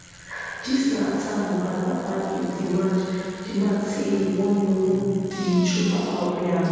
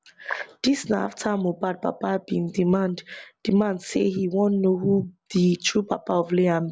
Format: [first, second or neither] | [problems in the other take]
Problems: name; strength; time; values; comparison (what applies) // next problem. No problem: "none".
second | background sound (Bicycle); 19 dB below the speech // room echo; dies away in 2.1 s